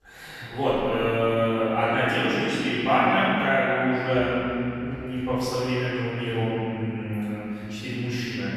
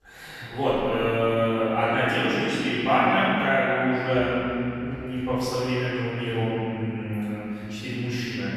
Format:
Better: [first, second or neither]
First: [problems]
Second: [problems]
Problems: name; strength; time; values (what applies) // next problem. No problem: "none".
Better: neither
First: off-mic speech; far // room echo; strong; dies away in 3 s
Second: off-mic speech; far // room echo; strong; dies away in 3 s